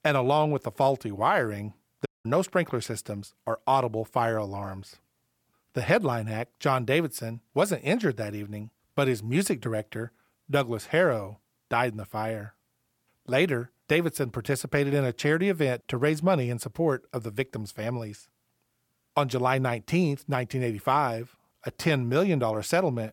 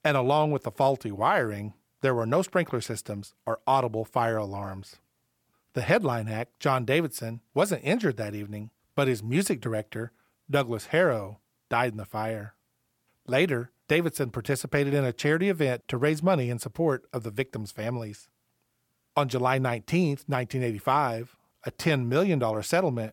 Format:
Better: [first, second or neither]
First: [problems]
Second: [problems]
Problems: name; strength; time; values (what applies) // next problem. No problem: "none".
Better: second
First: audio cutting out; at 2 s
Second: none